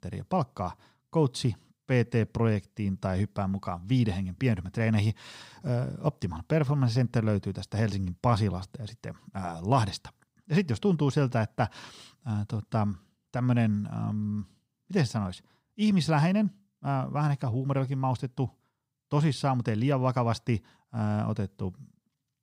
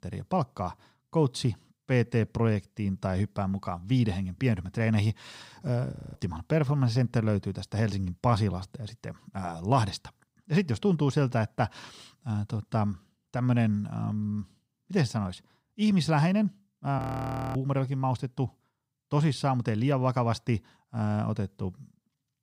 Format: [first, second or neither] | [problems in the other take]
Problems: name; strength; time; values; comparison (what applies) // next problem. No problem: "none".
first | audio freezing; at 6 s and at 17 s for 0.5 s